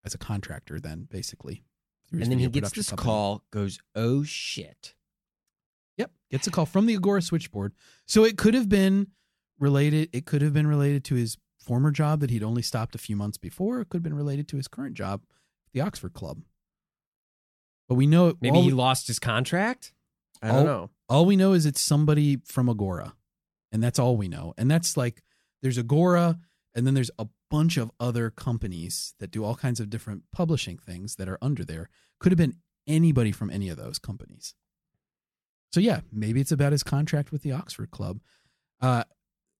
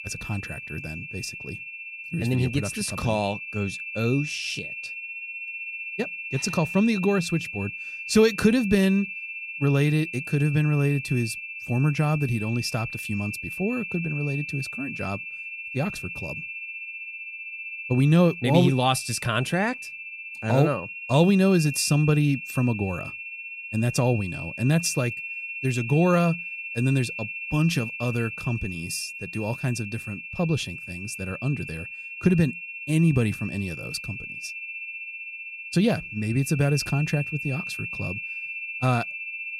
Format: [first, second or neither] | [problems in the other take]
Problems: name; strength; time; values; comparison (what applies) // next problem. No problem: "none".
first | high-pitched whine; loud; throughout; 2.5 kHz, 8 dB below the speech